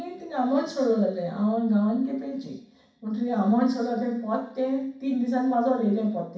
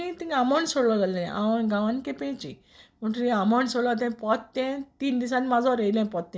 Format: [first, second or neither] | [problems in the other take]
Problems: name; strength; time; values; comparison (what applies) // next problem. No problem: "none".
second | room echo; dies away in 0.6 s